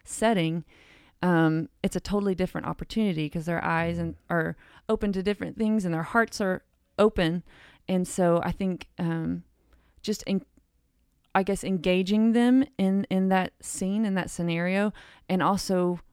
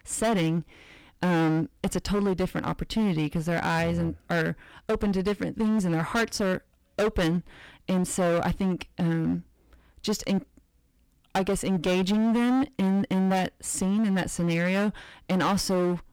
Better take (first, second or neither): first